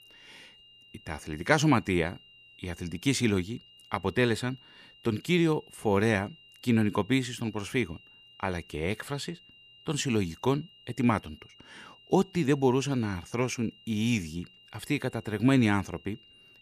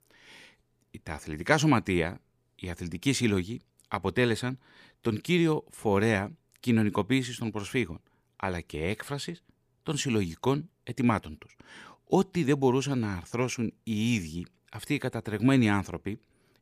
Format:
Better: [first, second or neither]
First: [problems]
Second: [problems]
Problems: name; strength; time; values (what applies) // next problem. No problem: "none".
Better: second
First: high-pitched whine; faint; throughout; 3 kHz, 25 dB below the speech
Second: none